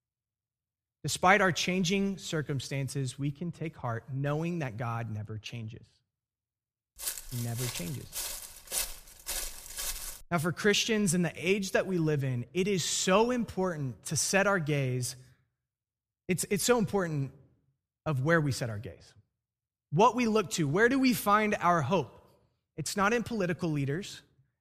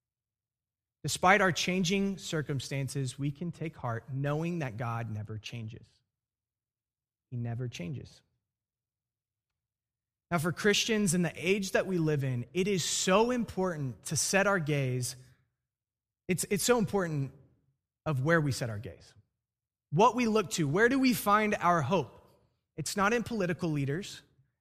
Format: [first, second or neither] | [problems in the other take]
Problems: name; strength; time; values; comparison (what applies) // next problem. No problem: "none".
second | footsteps; noticeable; from 7 to 10 s; peak 3 dB below the speech